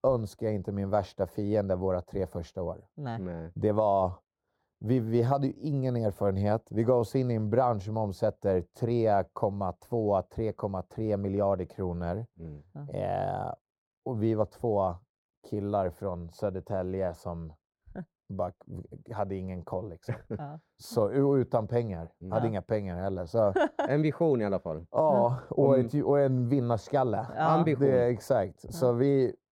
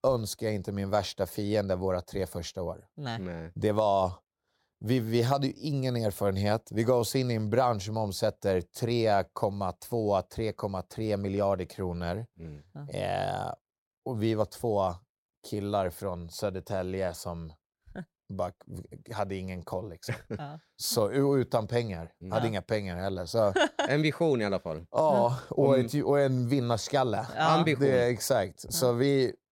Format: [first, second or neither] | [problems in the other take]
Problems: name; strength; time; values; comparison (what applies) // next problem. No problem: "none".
second | muffled; slightly; fading above 2 kHz